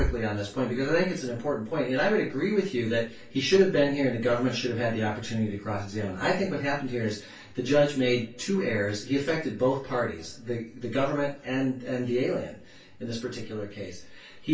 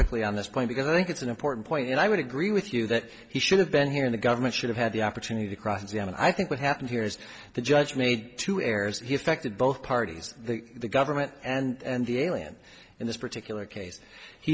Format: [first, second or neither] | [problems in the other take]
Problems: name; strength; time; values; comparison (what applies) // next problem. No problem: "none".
second | room echo; dies away in 0.2 s